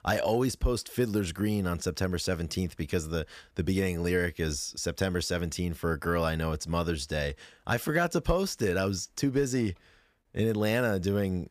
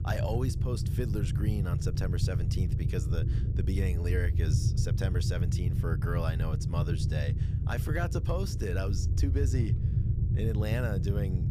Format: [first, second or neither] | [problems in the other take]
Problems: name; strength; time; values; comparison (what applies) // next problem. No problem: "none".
first | low rumble; loud; throughout; 5 dB below the speech